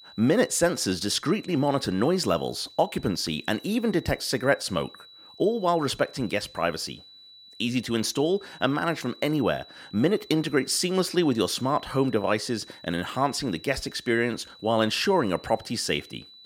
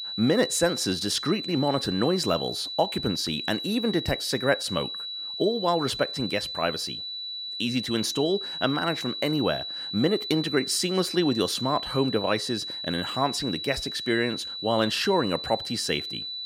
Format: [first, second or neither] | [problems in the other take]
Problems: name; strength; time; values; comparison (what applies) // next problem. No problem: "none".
first | high-pitched whine; loud; throughout; 4 kHz, 5 dB below the speech; faint in the first